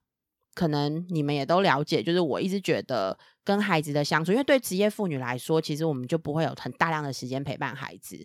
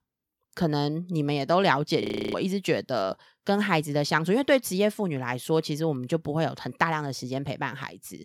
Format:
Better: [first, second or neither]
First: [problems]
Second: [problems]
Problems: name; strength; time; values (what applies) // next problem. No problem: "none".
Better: first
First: none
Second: audio freezing; at 2 s